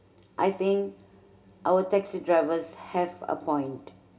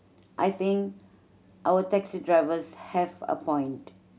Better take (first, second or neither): second